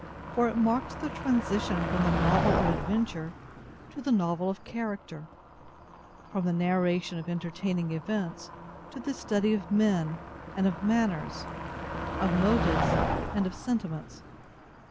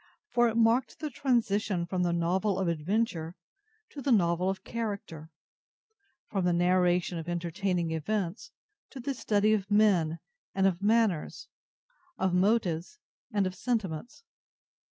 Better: second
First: background sound (Motor vehicle (road)); 4 dB below the speech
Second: none

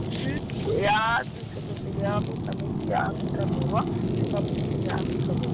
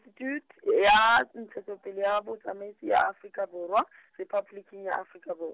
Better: second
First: background sound (Fire); 3 dB above the speech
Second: none

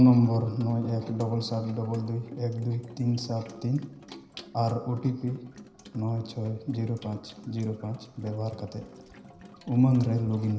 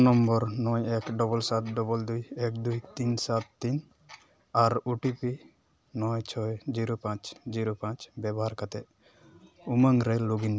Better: second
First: background sound (Sink (filling or washing) / Water tap, faucet); 18 dB below the speech // room echo; dies away in 0.9 s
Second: none

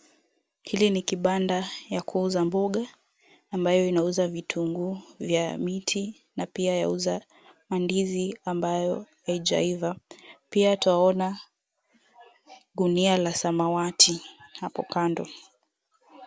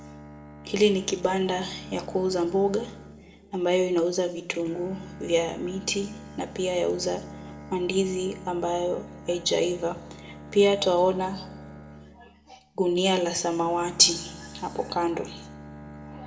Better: first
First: none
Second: background sound (Bowed string instrument); 16 dB below the speech // room echo; dies away in 1.1 s

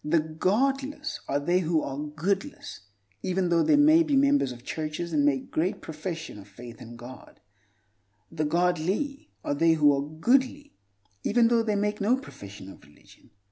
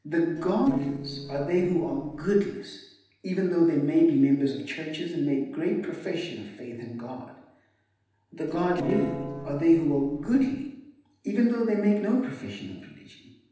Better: first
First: none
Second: noise reduction (neural separator model SepFormer DNS4)

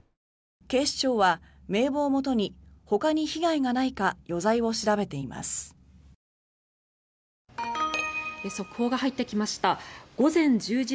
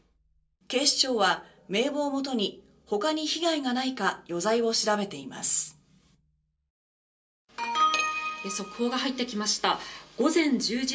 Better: first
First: none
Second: room echo; dies away in 0.2 s

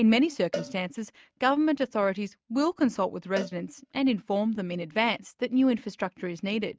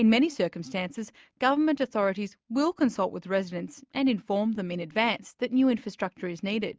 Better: second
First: noise reduction (neural mask model RNNoise)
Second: none

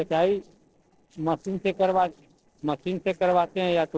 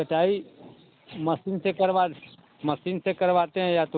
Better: second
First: noise reduction (neural separator model SepFormer DNS4)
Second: none

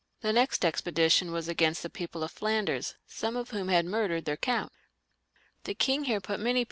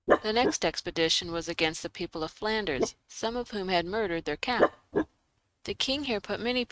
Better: first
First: none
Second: noise reduction (neural mask model RNNoise)

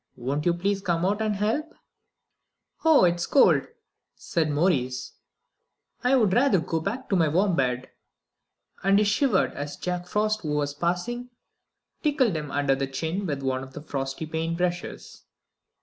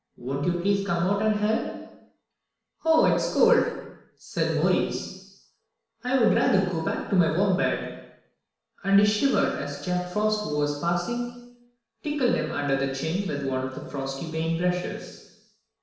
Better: first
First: none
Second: room echo; dies away in 1 s

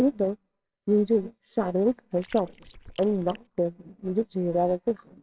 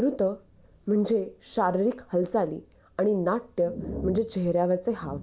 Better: second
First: noise reduction (neural separator model SepFormer WHAMR!)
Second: none

